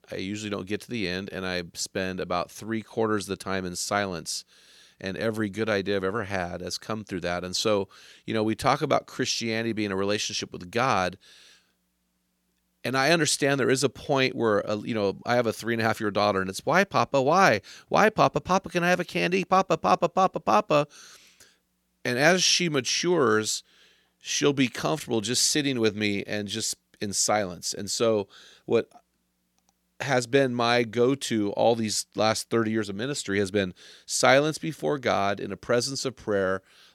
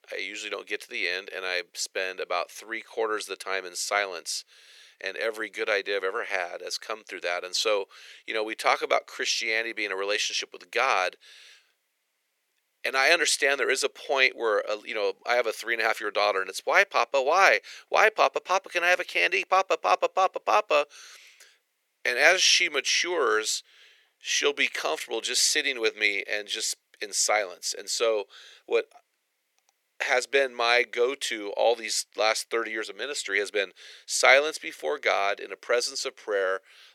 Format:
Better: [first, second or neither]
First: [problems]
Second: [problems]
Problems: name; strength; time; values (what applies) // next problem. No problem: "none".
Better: first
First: none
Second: thin; very; fading below 450 Hz